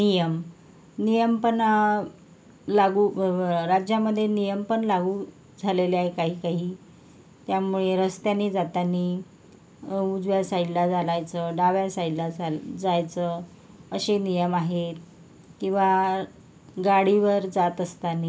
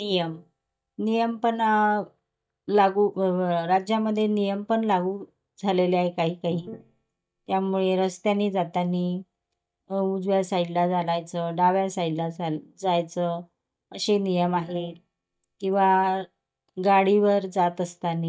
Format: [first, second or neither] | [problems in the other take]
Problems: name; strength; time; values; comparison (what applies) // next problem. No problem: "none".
first | noise reduction (neural mask model DeepFilterNet 3)